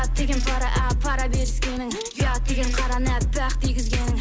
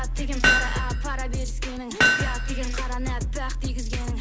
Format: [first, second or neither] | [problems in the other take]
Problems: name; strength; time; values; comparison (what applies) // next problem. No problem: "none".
first | background sound (Hammer); as loud as the speech